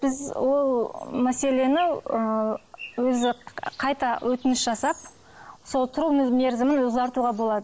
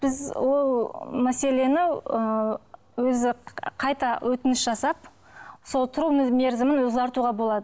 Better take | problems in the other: second | noise reduction (neural mask model Resemble Enhance denoiser)

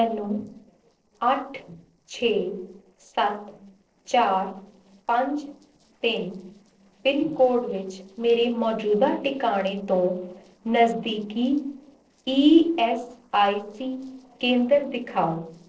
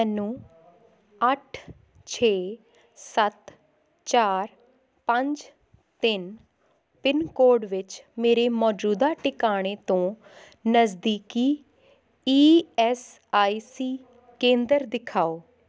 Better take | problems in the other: second | noise reduction (neural separator model SepFormer DNS4)

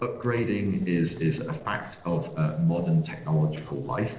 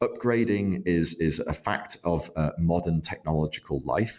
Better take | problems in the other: second | noise reduction (neural separator model SepFormer DNS4)

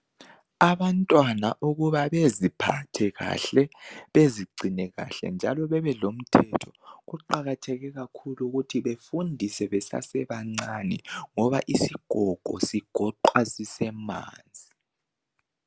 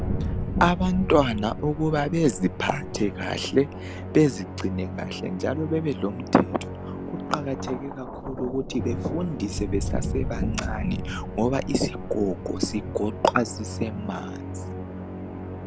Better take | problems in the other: first | background sound (Musical instrument + Thunder); 5 dB below the speech

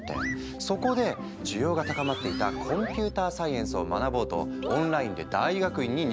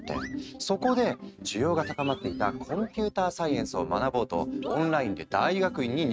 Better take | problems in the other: first | noise reduction (neural mask model RNNoise)

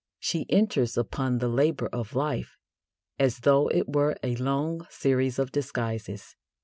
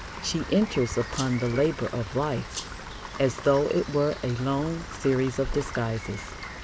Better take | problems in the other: first | background sound (Rain + Rattle (instrument)); 10 dB below the speech

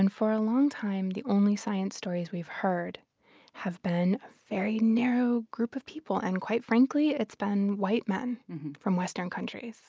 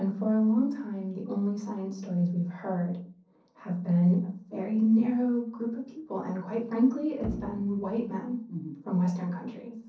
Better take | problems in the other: first | noise reduction (neural separator model SepFormer DNS4)

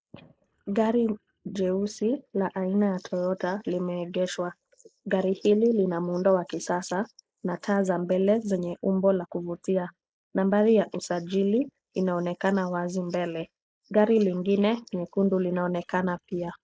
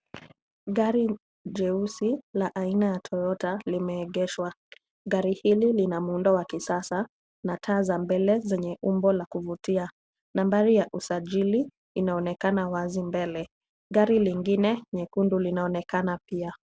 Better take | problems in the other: second | noise reduction (neural mask model Resemble Enhance denoiser)

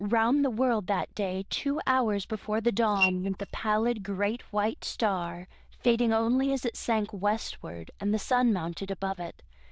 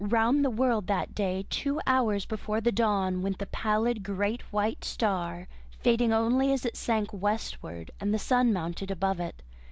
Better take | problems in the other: second | noise reduction (neural diffusion model UNIVERSE++)

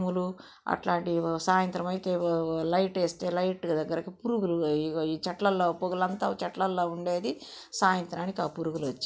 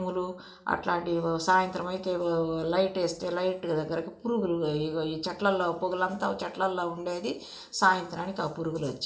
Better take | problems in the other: first | room echo; dies away in 1.2 s

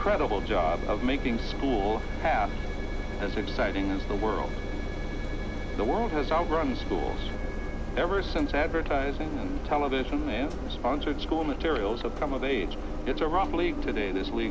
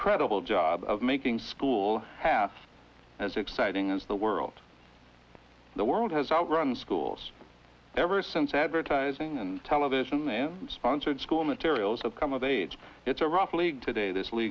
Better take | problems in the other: second | background sound (Engine); 2 dB below the speech

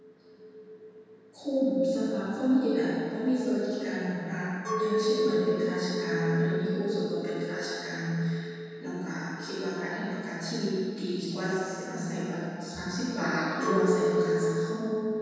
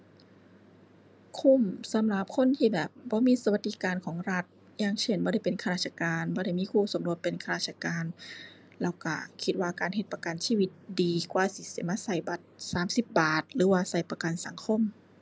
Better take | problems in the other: second | background sound (Chink, clink); 4 dB below the speech // room echo; dies away in 2.1 s

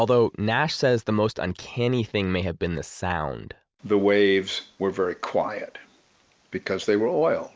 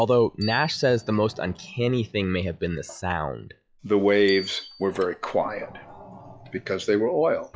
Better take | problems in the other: first | noise reduction (classical method log-MMSE)

